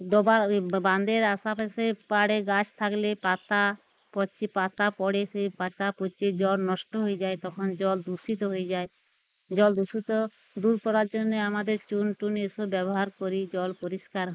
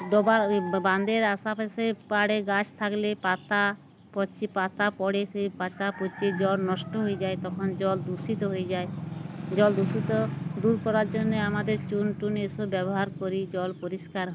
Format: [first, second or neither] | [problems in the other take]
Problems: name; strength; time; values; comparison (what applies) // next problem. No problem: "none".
second | noise reduction (neural mask model Resemble Enhance denoiser)